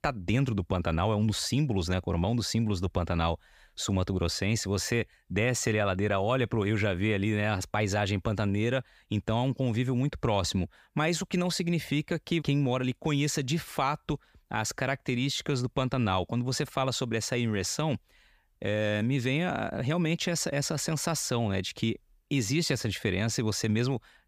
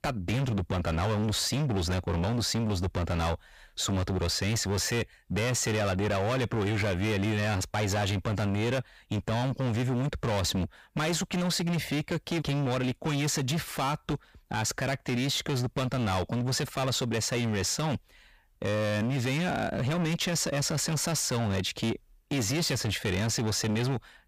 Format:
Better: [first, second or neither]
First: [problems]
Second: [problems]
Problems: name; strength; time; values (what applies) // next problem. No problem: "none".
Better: first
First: none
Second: distortion; heavy; 29% of the sound clipped